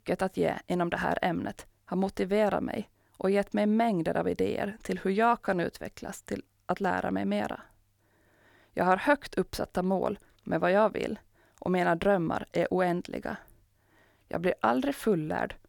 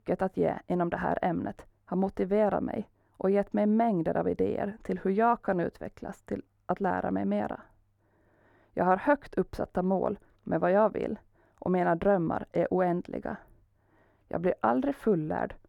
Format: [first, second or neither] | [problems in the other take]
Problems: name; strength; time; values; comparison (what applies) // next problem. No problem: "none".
first | muffled; slightly; fading above 2 kHz